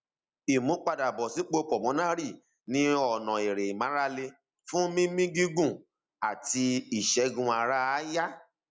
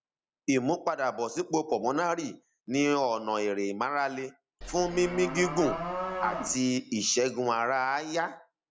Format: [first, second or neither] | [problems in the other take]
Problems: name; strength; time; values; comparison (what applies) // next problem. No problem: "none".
first | background sound (Livestock, farm animals, working animals); 5 dB below the speech